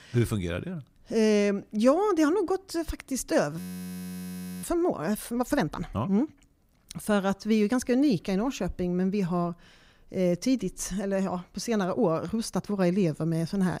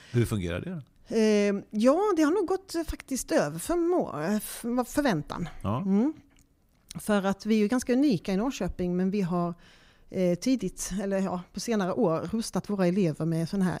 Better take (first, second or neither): second